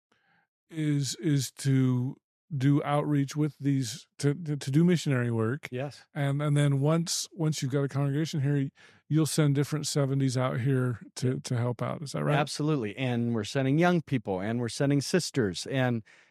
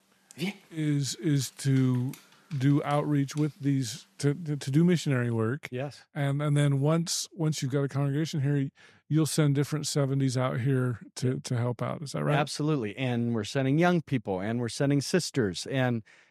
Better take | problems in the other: first | dog barking; noticeable; until 3.5 s; peak 7 dB below the speech

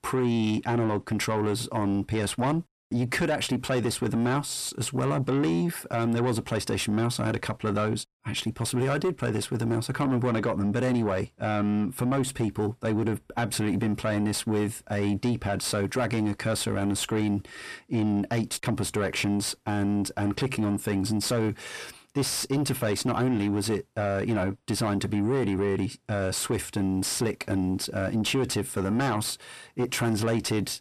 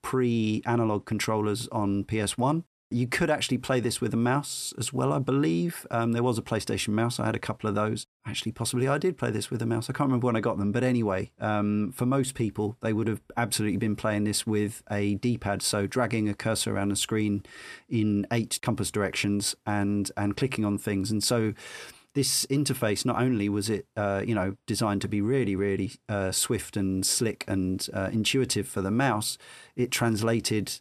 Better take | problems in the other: second | distortion; slight; 10 dB below the speech

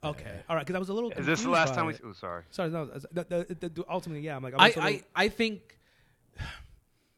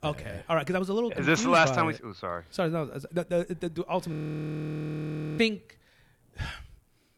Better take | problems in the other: first | audio freezing; at 4 s for 1.5 s

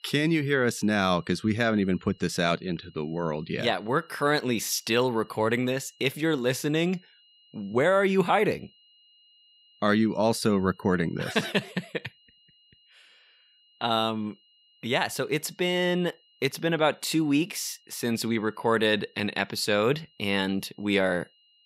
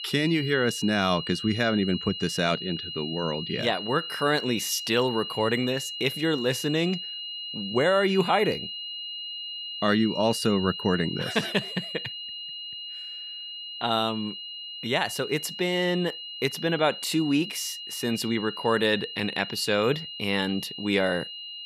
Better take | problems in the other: first | high-pitched whine; loud; throughout; 3 kHz, 8 dB below the speech; faint in the first

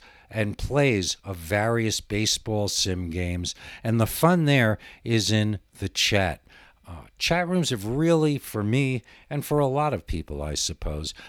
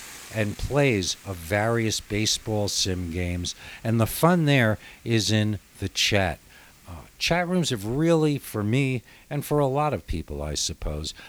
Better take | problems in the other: first | hiss; faint; throughout; 25 dB below the speech

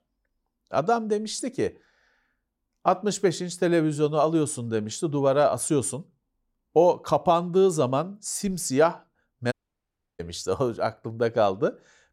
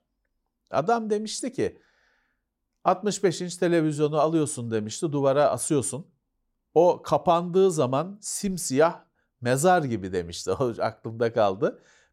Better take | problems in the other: second | audio cutting out; at 9.5 s for 0.5 s

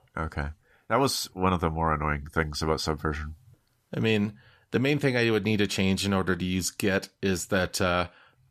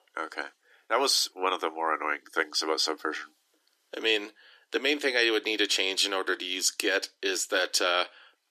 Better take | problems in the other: first | thin; very; fading below 300 Hz

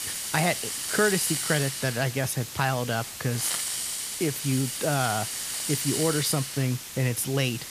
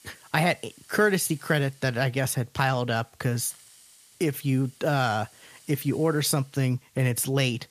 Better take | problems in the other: second | hiss; loud; throughout; 3 dB below the speech; faint in the second

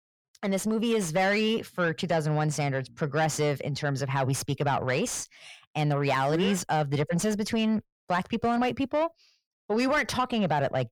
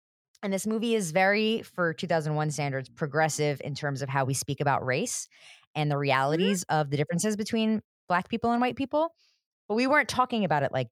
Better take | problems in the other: second | distortion; slight; 10 dB below the speech

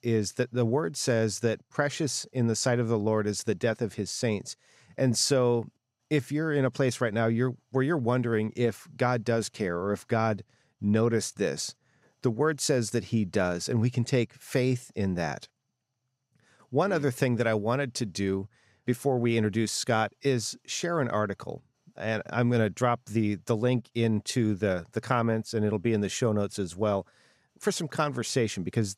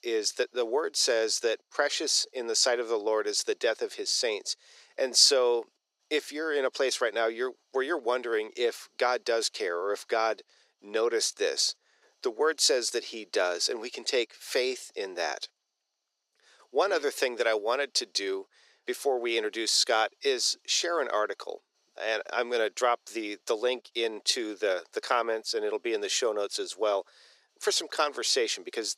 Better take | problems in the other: first | thin; very; fading below 350 Hz

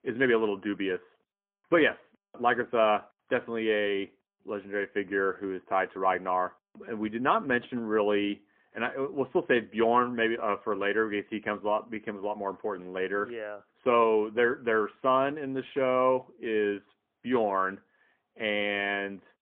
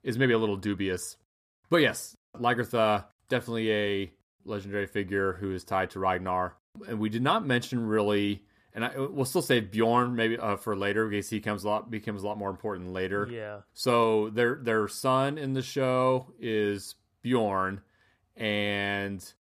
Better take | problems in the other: second | phone-call audio; poor line; nothing above 3 kHz

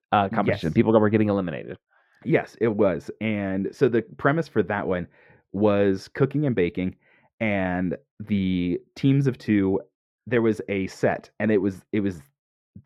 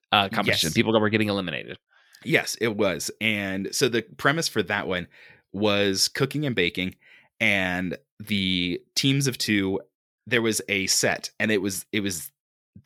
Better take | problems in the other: second | muffled; very; fading above 2.5 kHz

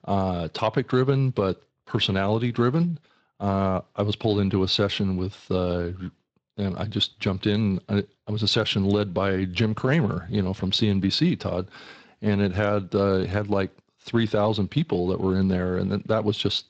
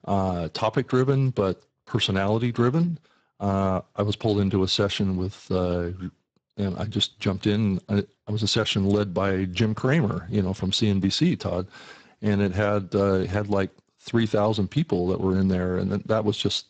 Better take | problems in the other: first | garbled, watery; badly; nothing above 7.5 kHz; slightly in the first

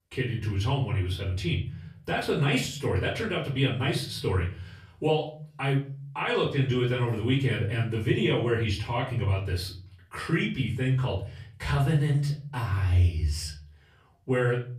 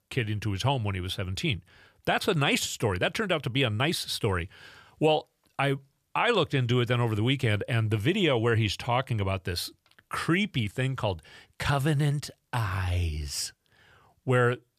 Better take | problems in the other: second | off-mic speech; far // room echo; slight; dies away in 0.5 s

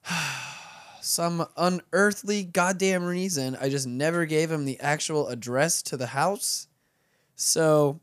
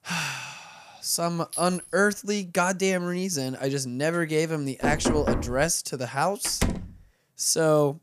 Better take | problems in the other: first | clattering dishes; noticeable; at 1.5 s; peak 7 dB below the speech // door banging; noticeable; at 5 s and at 6.5 s; peak level with the speech

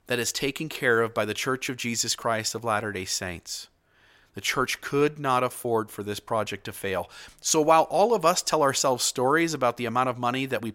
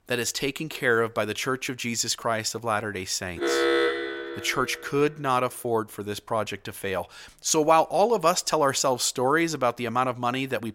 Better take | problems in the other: first | alarm; loud; from 3.5 to 4.5 s; peak 3 dB above the speech

